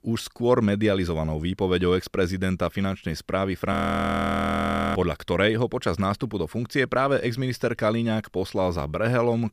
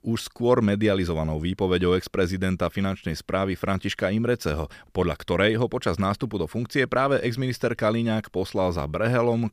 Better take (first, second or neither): second